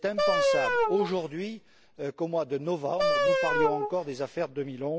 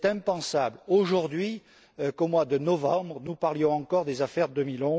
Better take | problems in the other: second | background sound (Wind instrument, woodwind instrument); 3 dB above the speech

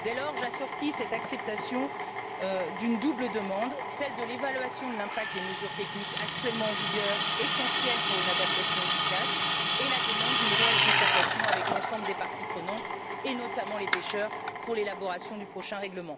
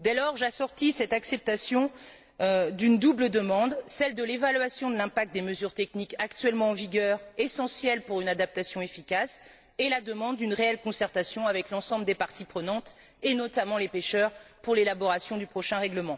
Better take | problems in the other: second | background sound (Drill); 4 dB above the speech

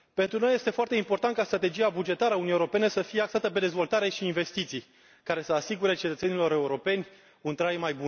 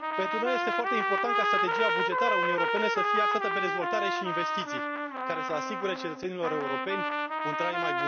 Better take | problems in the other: first | background sound (Trumpet); 4 dB above the speech

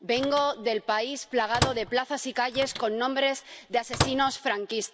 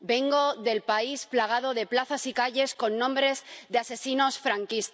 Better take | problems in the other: second | background sound (Microwave oven); 7 dB below the speech

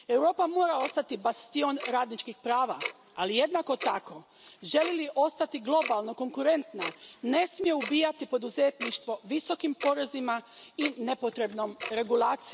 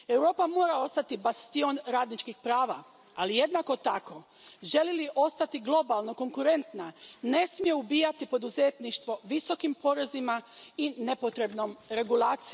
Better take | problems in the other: second | background sound (Tick-tock); 15 dB below the speech

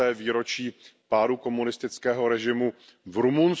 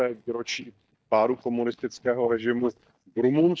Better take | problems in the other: first | noise reduction (neural mask model DeepFilterNet 3)

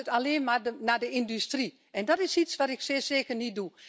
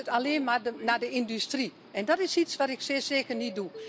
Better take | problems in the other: first | background sound (Subway, metro, underground); 18 dB below the speech

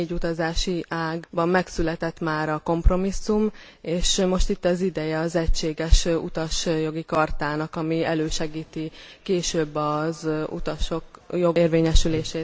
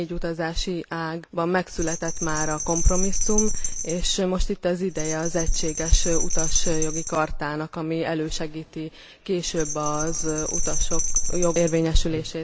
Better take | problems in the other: first | background sound (Bell); 1 dB above the speech

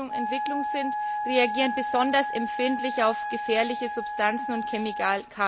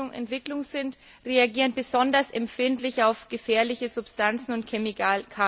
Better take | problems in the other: second | background sound (Wind instrument, woodwind instrument); 3 dB below the speech

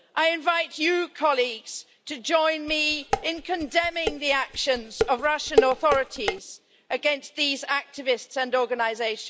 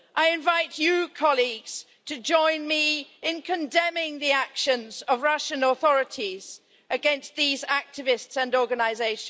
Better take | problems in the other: second | background sound (Dishes, pots, and pans); 3 dB below the speech

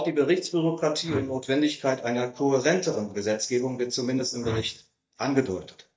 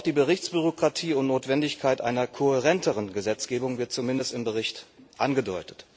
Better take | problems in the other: second | noise reduction (neural mask model DeepFilterNet 3)

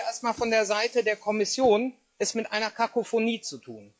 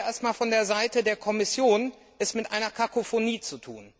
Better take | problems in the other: second | noise reduction (classical method log-MMSE)

